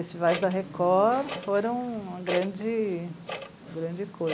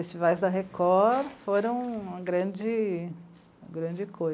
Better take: second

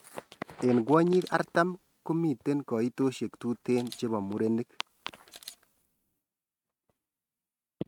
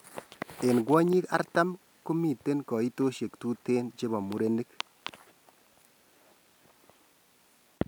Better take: second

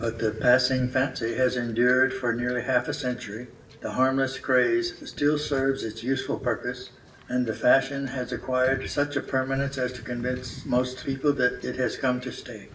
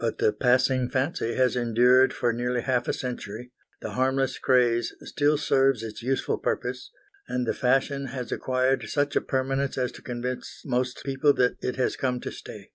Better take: second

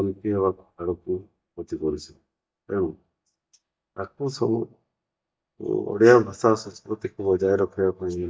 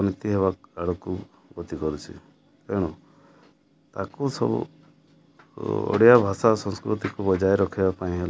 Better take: second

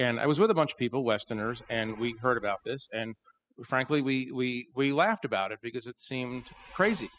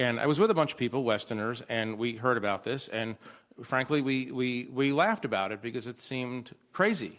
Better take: second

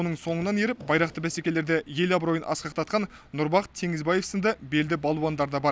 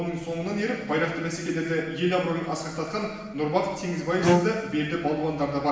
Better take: first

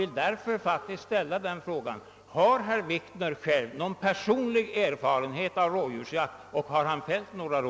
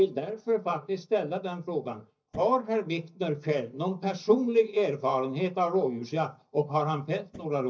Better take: first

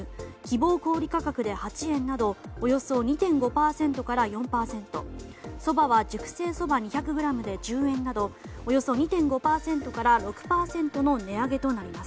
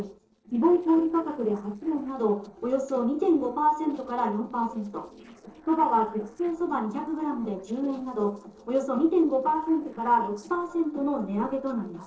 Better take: first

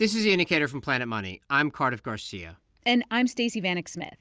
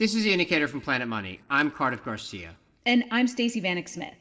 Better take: first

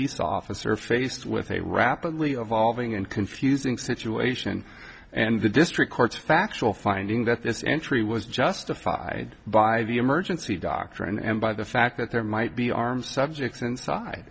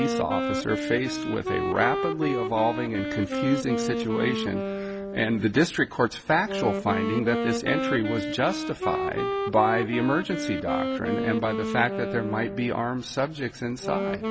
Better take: first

